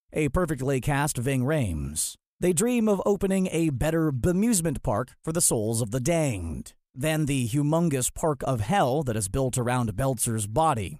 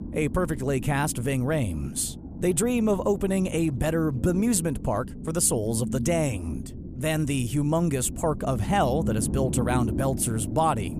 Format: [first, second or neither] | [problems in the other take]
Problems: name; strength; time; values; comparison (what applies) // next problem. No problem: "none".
first | low rumble; noticeable; throughout; 15 dB below the speech